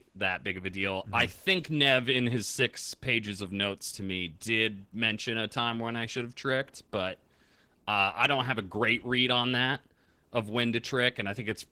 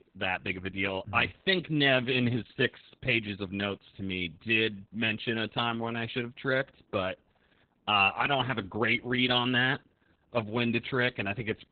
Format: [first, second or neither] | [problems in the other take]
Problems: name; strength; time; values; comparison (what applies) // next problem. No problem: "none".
first | garbled, watery; badly; nothing above 4 kHz; slightly in the first